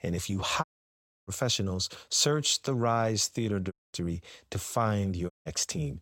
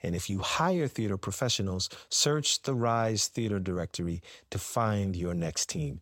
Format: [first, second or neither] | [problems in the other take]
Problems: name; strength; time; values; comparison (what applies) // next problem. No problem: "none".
second | audio cutting out; at 0.5 s for 0.5 s, at 3.5 s and at 5.5 s